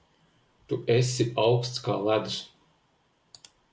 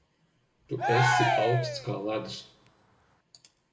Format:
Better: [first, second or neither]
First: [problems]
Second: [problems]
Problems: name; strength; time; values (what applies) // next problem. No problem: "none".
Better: first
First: none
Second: background sound (Cheering); 2 dB above the speech // room echo; dies away in 0.6 s